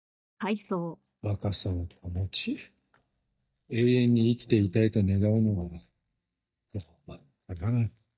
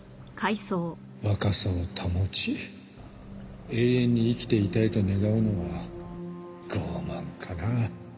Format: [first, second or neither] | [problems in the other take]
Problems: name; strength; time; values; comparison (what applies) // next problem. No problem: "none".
second | noise reduction (neural mask model DeepFilterNet 3)